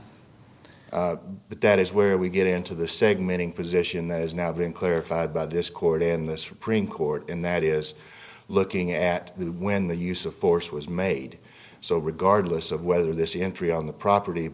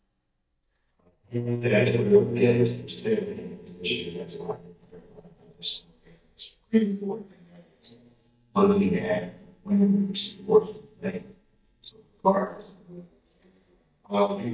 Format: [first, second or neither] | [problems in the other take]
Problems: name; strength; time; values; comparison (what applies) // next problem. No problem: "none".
first | noise reduction (neural mask model DeepFilterNet 3)